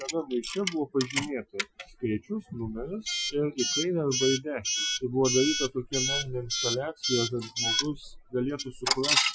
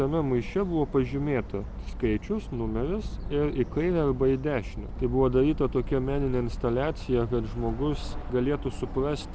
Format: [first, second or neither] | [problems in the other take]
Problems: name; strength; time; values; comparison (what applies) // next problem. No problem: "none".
second | noise reduction (classical method Wiener filter)